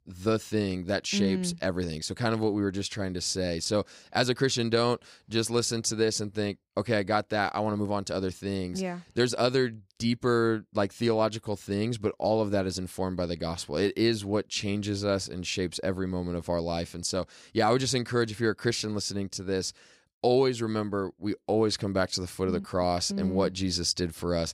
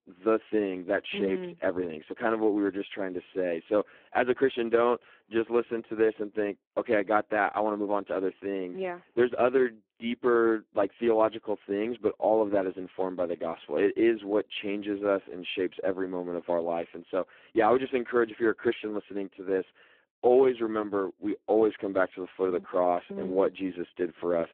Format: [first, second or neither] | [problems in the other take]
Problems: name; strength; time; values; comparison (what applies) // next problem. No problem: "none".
first | phone-call audio; poor line